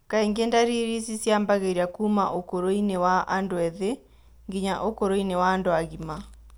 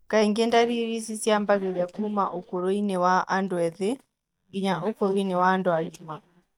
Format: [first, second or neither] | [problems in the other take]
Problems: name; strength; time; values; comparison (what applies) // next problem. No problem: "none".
first | noise reduction (neural mask model DeepFilterNet 3)